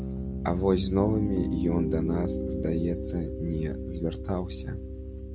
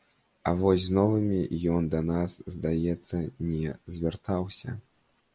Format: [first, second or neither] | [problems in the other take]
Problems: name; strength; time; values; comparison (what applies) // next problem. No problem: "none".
second | background sound (Piano); 2 dB below the speech